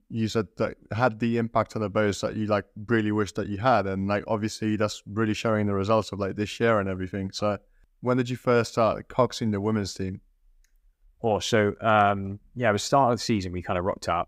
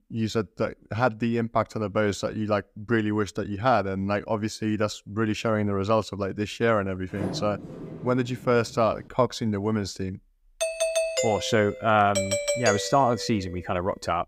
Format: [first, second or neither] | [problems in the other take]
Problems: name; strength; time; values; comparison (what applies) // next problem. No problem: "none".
first | door banging; noticeable; from 7 to 9 s; peak 8 dB below the speech // doorbell; loud; from 11 to 13 s; peak 1 dB above the speech